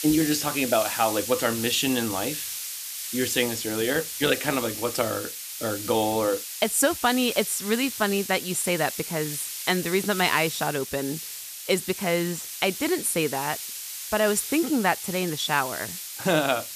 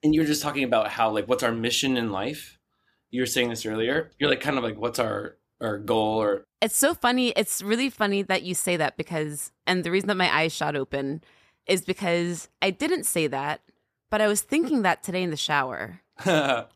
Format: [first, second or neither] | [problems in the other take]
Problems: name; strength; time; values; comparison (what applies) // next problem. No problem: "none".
second | hiss; loud; throughout; 6 dB below the speech